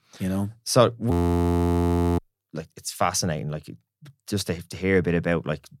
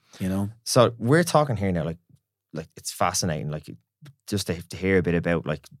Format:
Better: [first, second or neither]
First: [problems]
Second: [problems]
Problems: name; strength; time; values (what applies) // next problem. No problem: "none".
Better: second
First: audio freezing; at 1 s for 1 s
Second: none